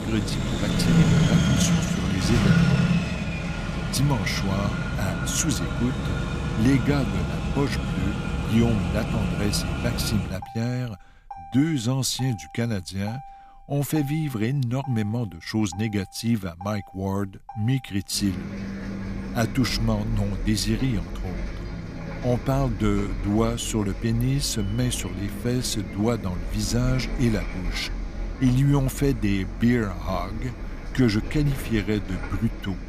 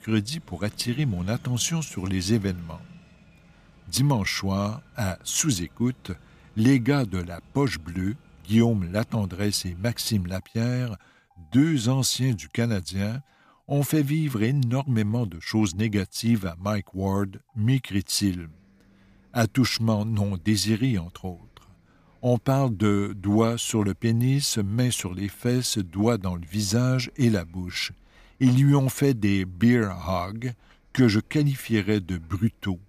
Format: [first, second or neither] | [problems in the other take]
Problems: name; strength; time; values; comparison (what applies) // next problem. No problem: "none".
second | traffic noise; loud; throughout; 2 dB below the speech; faint in the second